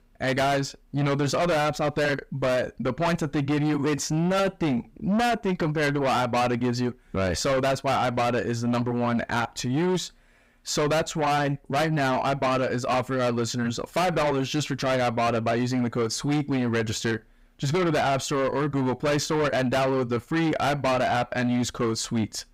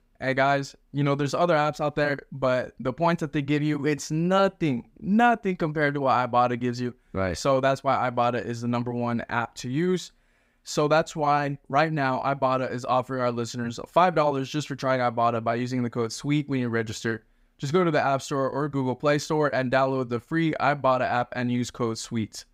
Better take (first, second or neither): second